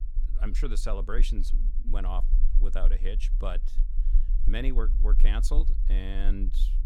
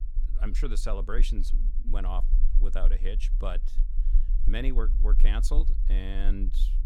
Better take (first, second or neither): neither